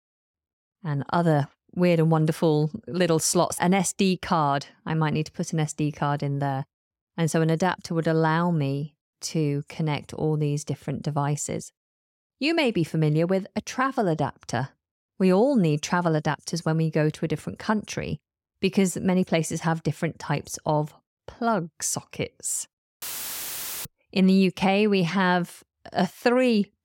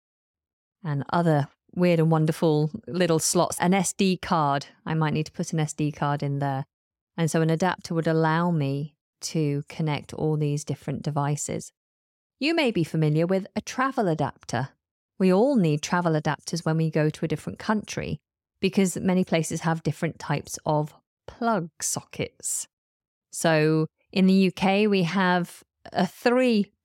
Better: second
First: audio cutting out; filled with static; at 23 s for 1 s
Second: none

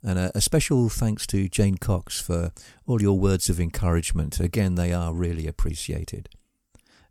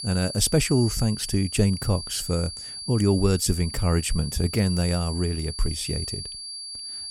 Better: first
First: none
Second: high-pitched whine; loud; throughout; 4.5 kHz, 9 dB below the speech

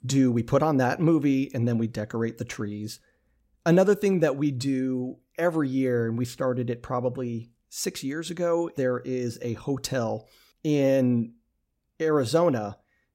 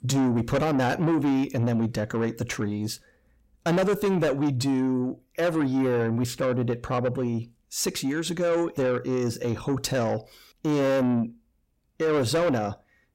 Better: first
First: none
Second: distortion; heavy; 8 dB below the speech

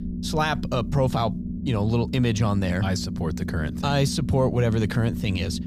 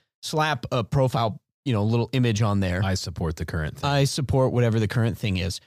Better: second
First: low rumble; noticeable; throughout; 10 dB below the speech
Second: none

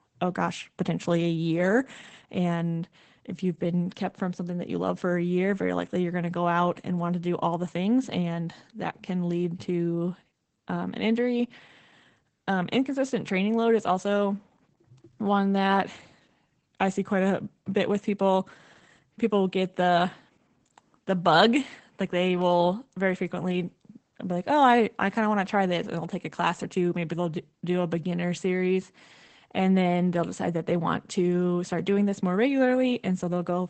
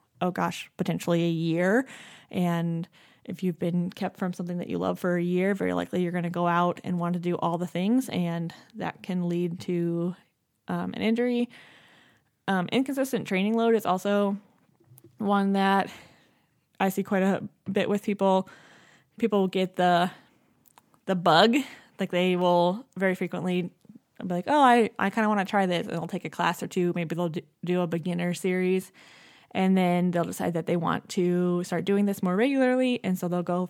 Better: second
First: garbled, watery; badly; nothing above 8 kHz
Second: none

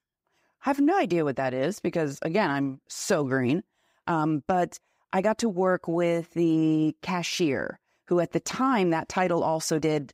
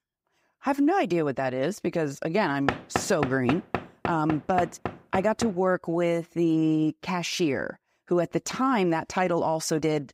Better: first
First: none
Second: door banging; noticeable; from 2.5 to 5.5 s; peak 2 dB below the speech

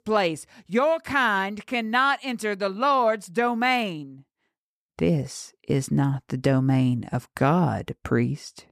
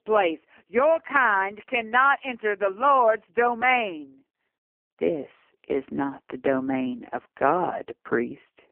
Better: first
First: none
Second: phone-call audio; poor line; nothing above 3 kHz

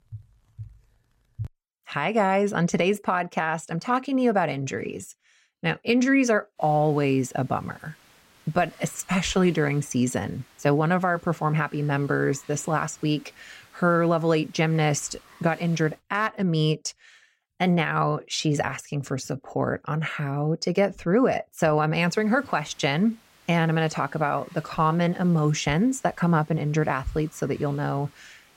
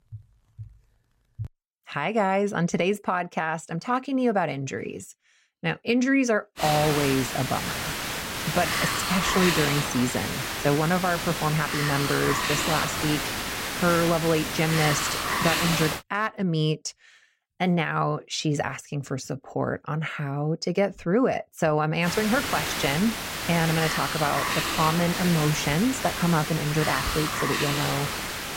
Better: first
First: hiss; faint; from 6.5 to 16 s and from 22 s on; 30 dB below the speech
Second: hiss; loud; from 6.5 to 16 s and from 22 s on; 1 dB below the speech

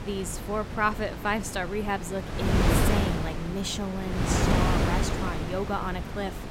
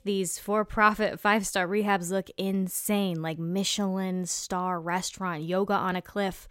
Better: second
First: wind noise on the microphone; heavy; 1 dB below the speech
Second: none

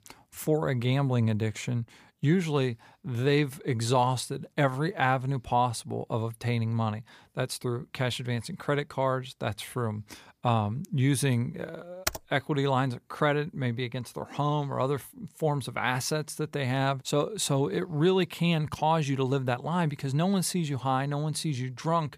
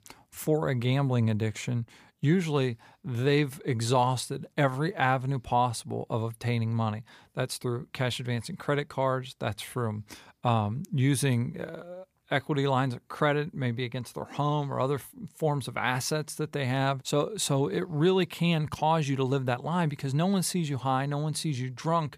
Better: second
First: keyboard typing; noticeable; at 12 s; peak 4 dB below the speech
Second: none

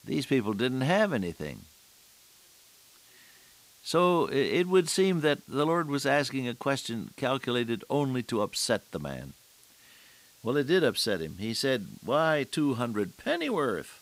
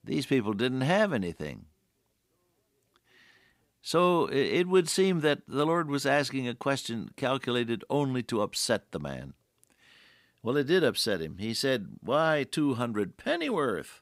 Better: second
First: hiss; faint; throughout; 25 dB below the speech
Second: none

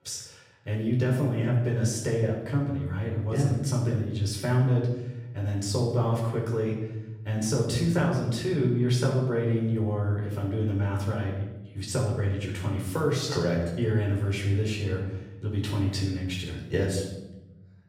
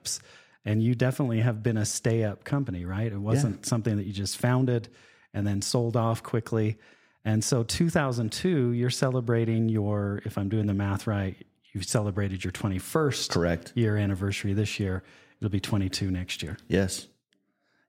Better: second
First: off-mic speech; far // room echo; noticeable; dies away in 0.9 s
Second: none

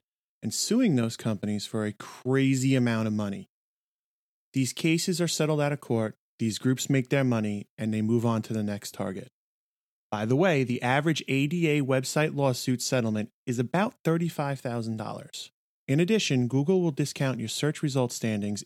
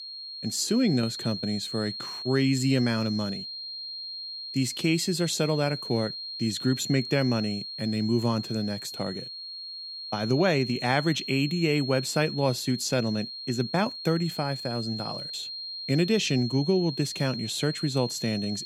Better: first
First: none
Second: high-pitched whine; loud; throughout; 4 kHz, 7 dB below the speech

